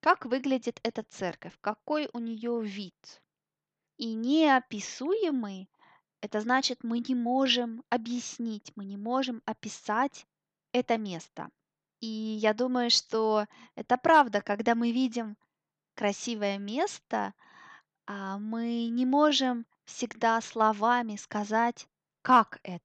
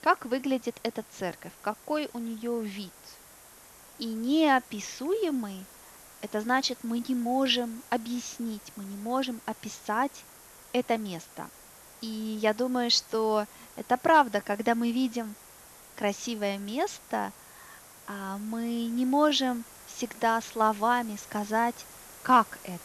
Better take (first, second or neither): first